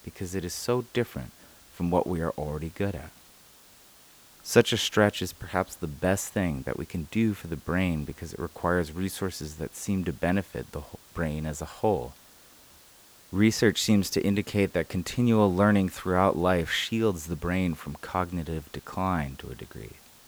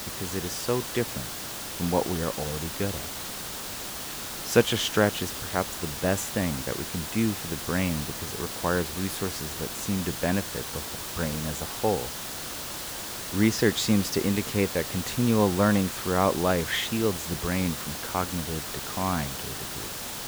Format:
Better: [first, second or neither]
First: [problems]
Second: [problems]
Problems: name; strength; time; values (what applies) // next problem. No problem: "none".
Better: first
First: hiss; faint; throughout; 25 dB below the speech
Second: hiss; loud; throughout; 5 dB below the speech